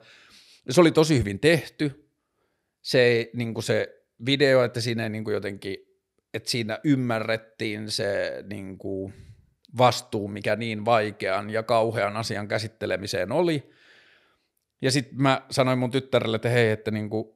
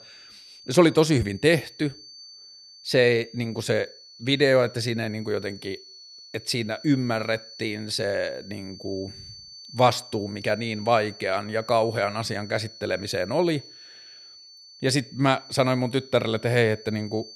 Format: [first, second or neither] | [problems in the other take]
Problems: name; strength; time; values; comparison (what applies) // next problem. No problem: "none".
first | high-pitched whine; noticeable; throughout; 4.5 kHz, 20 dB below the speech